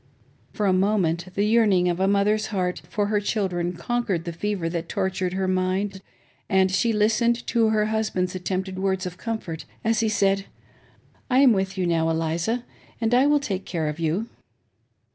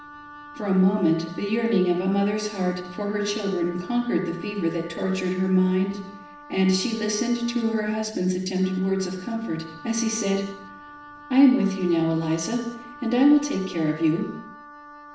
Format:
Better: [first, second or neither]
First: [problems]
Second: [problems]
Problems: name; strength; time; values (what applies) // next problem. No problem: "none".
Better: first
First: none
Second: background sound (Wind instrument, woodwind instrument); 19 dB below the speech // room echo; dies away in 0.8 s